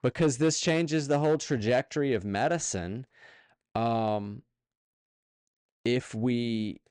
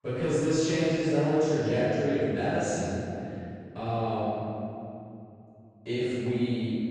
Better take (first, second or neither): first